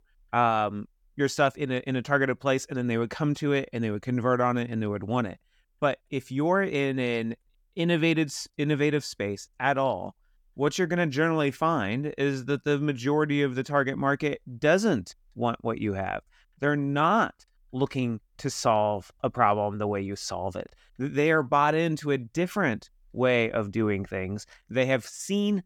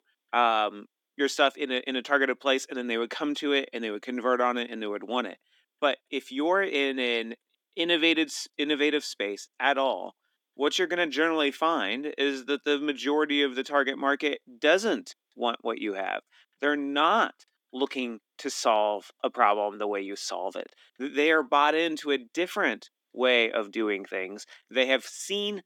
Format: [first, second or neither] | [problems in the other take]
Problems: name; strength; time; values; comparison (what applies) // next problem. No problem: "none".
first | thin; very slightly; fading below 250 Hz